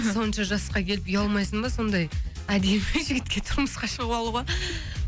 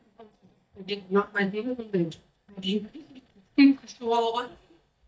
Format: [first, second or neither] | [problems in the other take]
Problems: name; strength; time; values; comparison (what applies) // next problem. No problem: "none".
first | noise reduction (neural mask model DeepFilterNet 3)